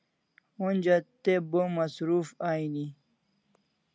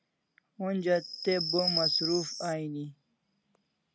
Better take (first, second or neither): first